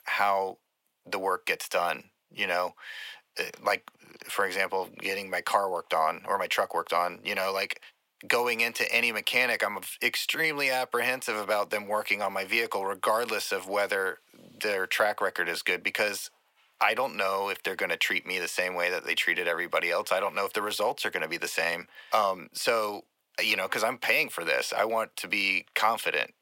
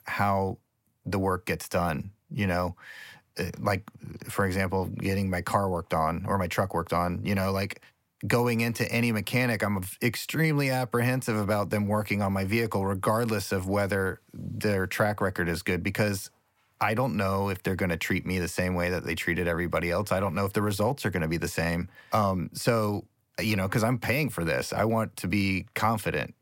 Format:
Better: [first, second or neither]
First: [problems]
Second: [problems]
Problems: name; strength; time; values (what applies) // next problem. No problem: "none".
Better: second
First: thin; very; fading below 550 Hz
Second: none